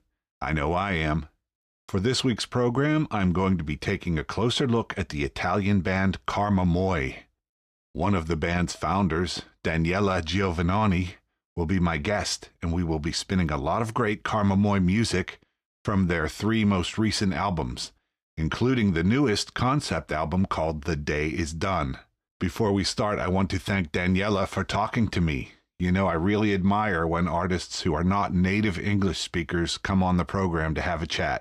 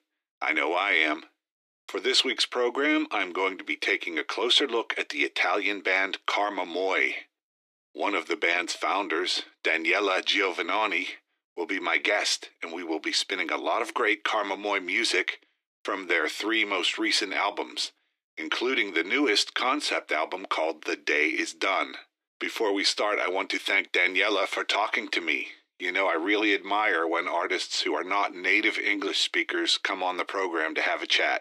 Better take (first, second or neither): first